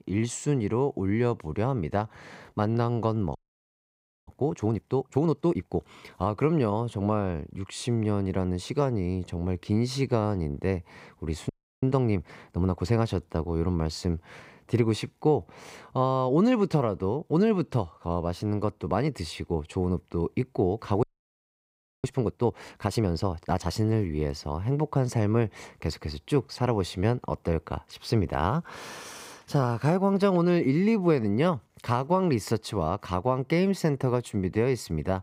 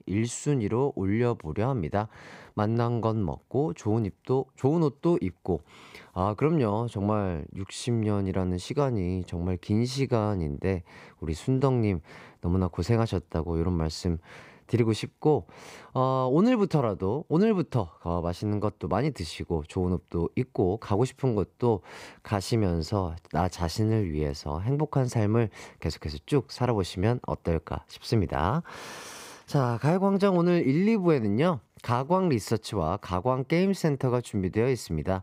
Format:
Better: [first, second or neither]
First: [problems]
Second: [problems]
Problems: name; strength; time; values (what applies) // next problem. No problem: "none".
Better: second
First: audio freezing; at 3.5 s for 1 s, at 11 s and at 21 s for 1 s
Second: none